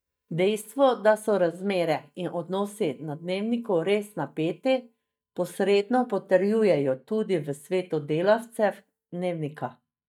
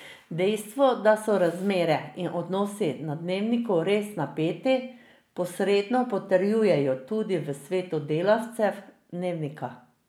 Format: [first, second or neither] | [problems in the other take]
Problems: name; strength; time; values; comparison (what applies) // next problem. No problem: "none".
second | noise reduction (neural mask model DeepFilterNet 3)